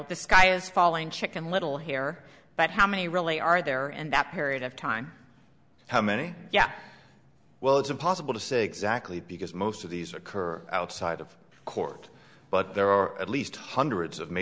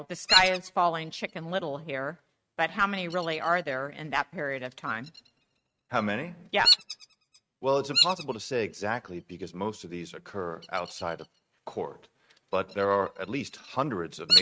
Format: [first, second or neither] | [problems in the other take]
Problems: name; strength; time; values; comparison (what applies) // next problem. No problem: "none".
first | noise reduction (neural mask model RNNoise)